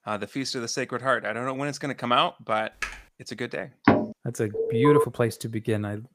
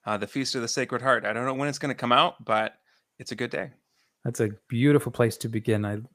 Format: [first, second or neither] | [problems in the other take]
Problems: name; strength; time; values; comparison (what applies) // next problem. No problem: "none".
second | keyboard typing; noticeable; at 3 s; peak 7 dB below the speech // door banging; loud; at 4 s; peak 5 dB above the speech // alarm; loud; at 4.5 s; peak 5 dB above the speech